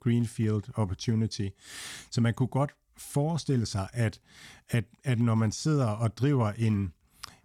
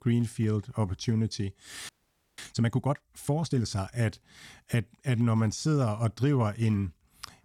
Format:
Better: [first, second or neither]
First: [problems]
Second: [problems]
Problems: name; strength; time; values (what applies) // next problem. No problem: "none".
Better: first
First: none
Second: audio freezing; at 2 s